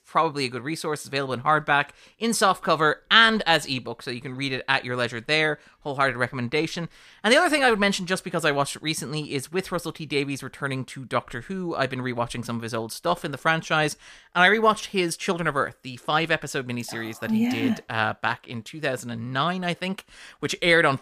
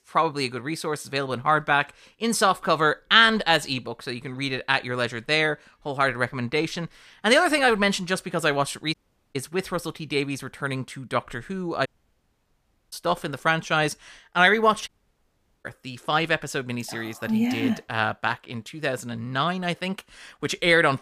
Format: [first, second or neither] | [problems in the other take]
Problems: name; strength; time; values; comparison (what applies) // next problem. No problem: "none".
first | audio cutting out; at 9 s, at 12 s for 1 s and at 15 s for 1 s